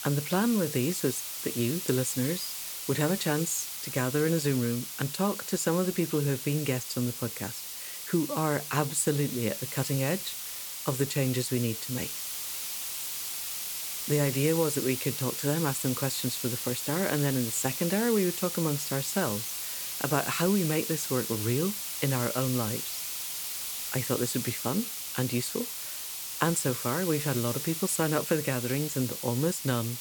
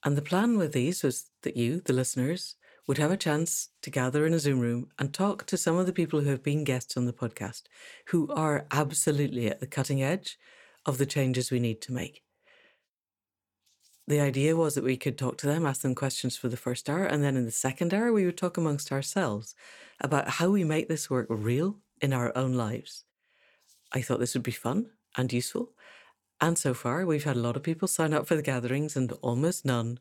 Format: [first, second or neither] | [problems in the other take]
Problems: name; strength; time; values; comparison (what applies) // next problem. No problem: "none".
second | hiss; loud; throughout; 4 dB below the speech